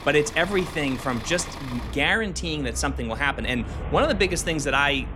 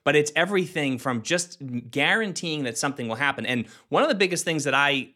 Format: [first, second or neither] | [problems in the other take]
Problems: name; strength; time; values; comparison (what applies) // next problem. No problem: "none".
second | traffic noise; noticeable; throughout; 10 dB below the speech